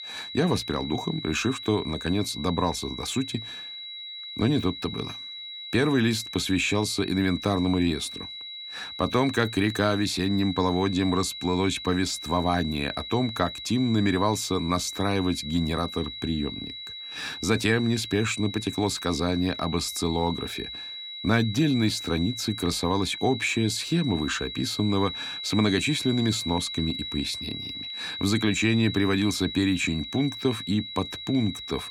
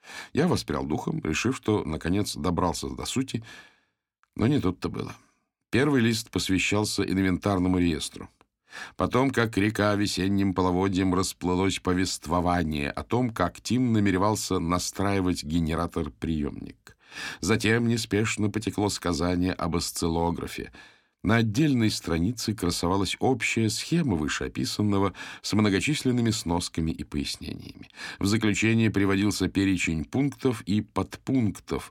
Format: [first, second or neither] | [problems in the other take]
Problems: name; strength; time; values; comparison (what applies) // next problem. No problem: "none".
second | high-pitched whine; loud; throughout; 4 kHz, 8 dB below the speech